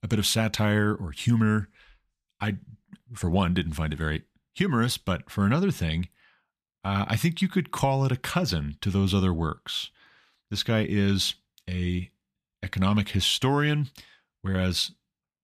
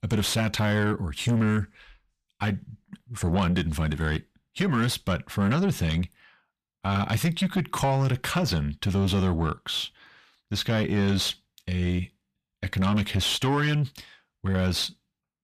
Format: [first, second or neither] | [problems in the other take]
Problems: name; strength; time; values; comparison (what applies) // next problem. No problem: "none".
first | distortion; slight; 10 dB below the speech